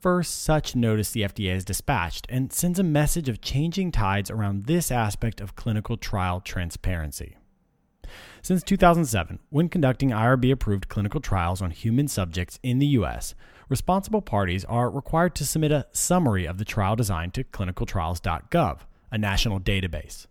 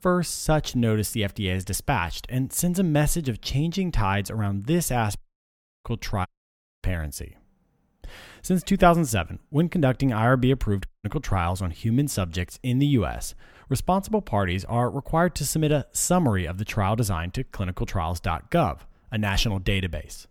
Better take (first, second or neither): first